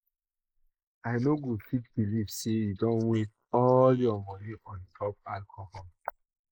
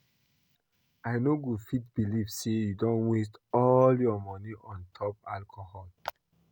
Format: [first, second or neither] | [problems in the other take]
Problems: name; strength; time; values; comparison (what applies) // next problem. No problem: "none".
second | noise reduction (neural mask model Resemble Enhance denoiser)